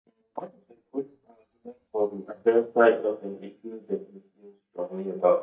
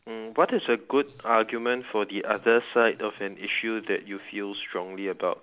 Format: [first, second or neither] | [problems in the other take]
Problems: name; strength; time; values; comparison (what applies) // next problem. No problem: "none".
second | noise reduction (neural mask model DeepFilterNet 3)